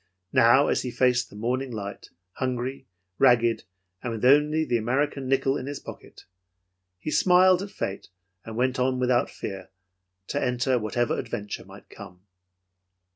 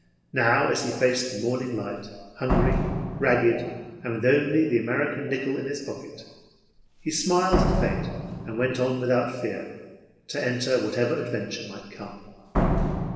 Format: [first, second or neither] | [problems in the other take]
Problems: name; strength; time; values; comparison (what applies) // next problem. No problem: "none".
first | background sound (Slam); 5 dB below the speech // room echo; dies away in 1.3 s